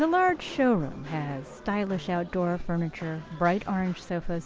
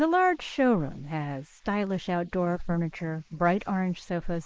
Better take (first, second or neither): first